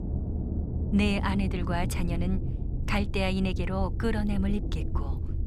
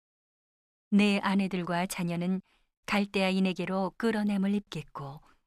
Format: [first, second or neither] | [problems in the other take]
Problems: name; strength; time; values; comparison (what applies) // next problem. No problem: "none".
second | low rumble; noticeable; throughout; 10 dB below the speech